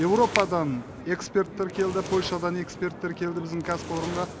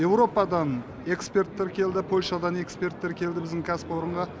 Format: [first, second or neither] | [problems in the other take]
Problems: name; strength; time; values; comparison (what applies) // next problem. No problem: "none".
second | background sound (Finger snapping + Fire); 12 dB below the speech